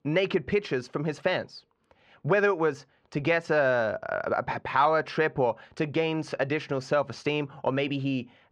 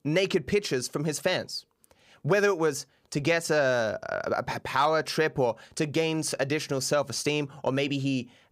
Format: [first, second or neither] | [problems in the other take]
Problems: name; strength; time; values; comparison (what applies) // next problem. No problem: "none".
second | muffled; slightly; fading above 2.5 kHz